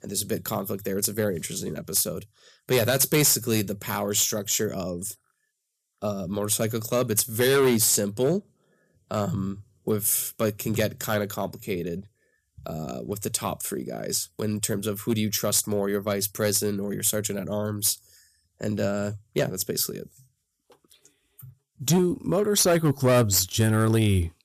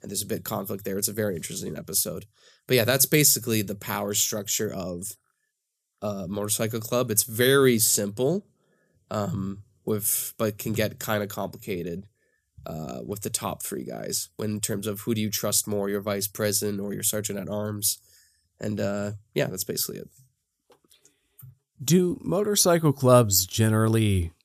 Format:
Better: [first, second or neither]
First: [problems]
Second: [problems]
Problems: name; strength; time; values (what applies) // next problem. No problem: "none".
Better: second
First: distortion; slight; 3% of the sound clipped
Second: none